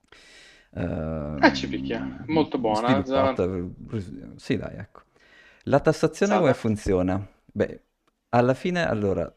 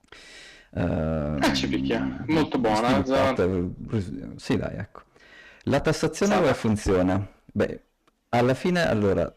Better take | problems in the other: first | distortion; heavy; 10% of the sound clipped

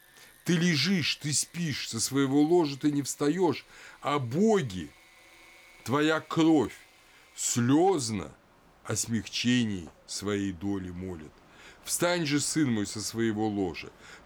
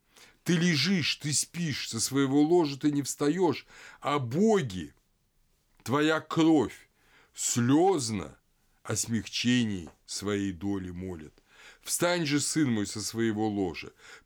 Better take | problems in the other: second | machinery noise; faint; throughout; 30 dB below the speech

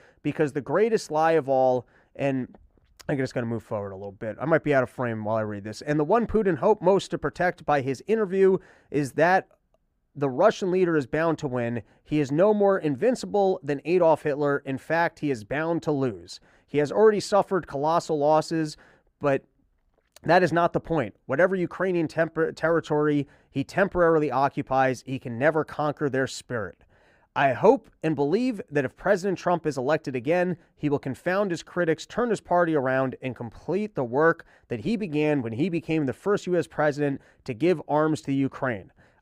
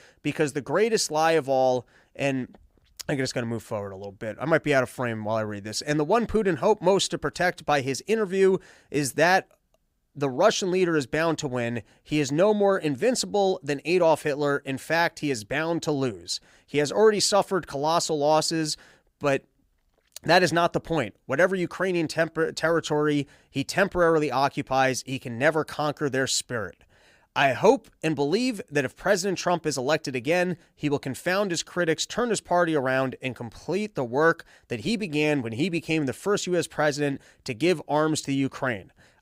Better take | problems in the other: second | muffled; slightly; fading above 2.5 kHz

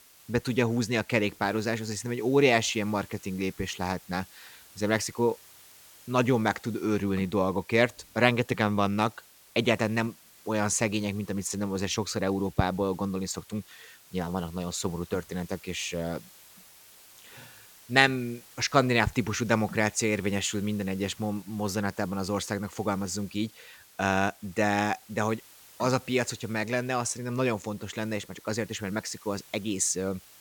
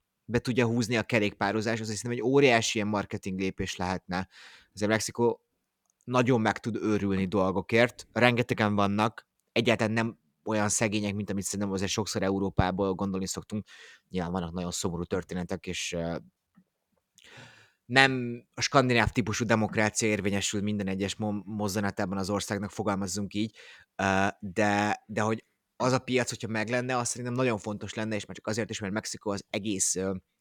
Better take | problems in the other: second | hiss; faint; throughout; 25 dB below the speech

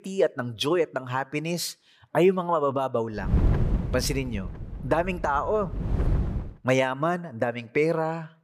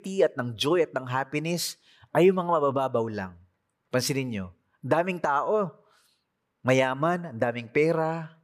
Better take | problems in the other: second | wind noise on the microphone; occasional gusts; from 3 to 6.5 s; 15 dB below the speech

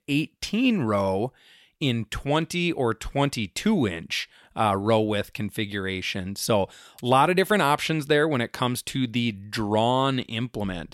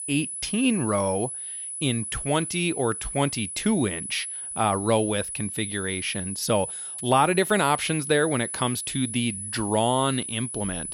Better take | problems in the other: first | high-pitched whine; loud; throughout; 10 kHz, 6 dB below the speech

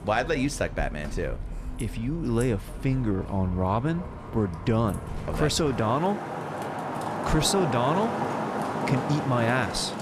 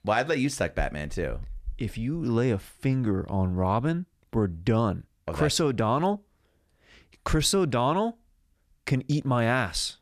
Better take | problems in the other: second | traffic noise; loud; throughout; 6 dB below the speech

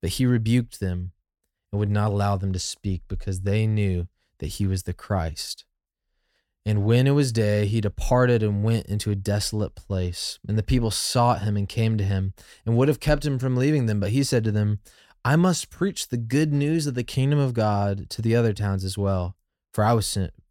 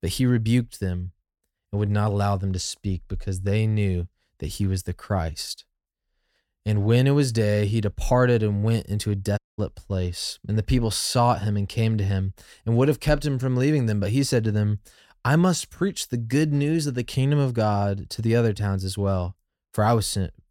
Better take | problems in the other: first | audio cutting out; at 9.5 s

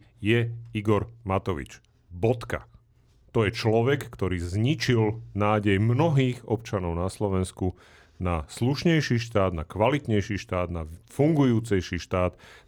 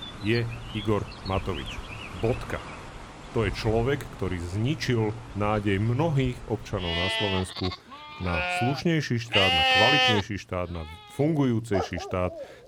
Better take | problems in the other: first | animal sounds; very loud; throughout; 2 dB above the speech

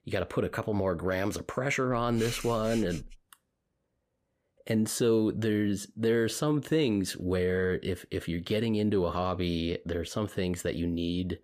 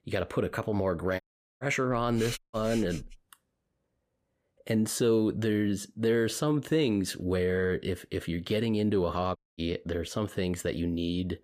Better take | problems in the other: first | audio cutting out; at 1 s, at 2.5 s and at 9.5 s

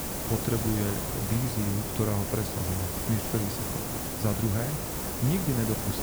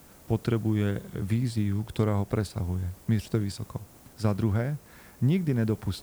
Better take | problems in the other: second | hiss; loud; throughout; as loud as the speech; faint in the second

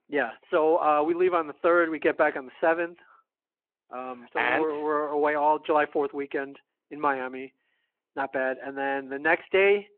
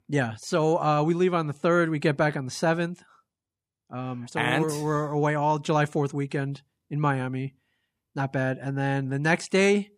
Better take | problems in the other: second | phone-call audio

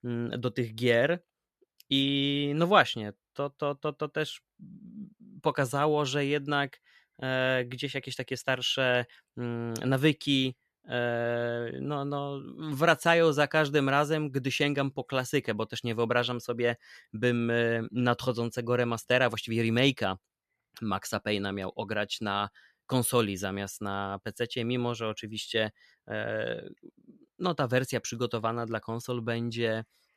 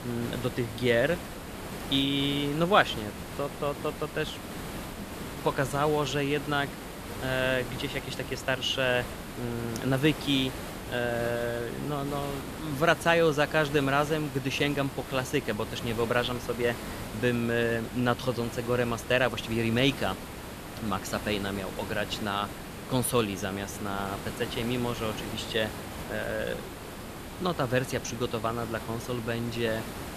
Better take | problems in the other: first | hiss; loud; throughout; 10 dB below the speech

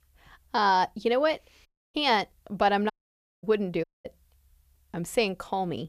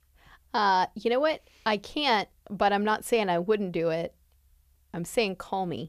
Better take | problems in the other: second | audio cutting out; at 1.5 s, at 3 s for 0.5 s and at 4 s

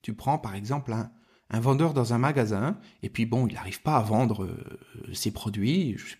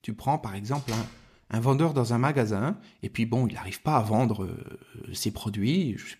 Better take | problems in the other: first | door banging; faint; at 0.5 s; peak 10 dB below the speech

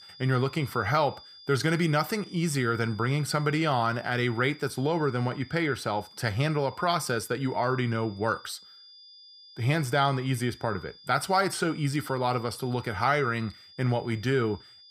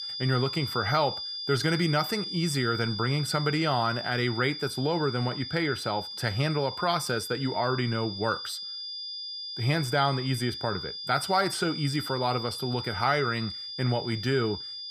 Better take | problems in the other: first | high-pitched whine; loud; throughout; 5 kHz, 6 dB below the speech; faint in the first

